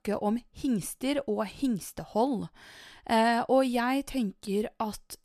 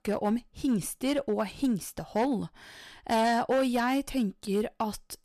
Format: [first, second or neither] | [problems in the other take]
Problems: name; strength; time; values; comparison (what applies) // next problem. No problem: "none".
first | distortion; slight; 5% of the sound clipped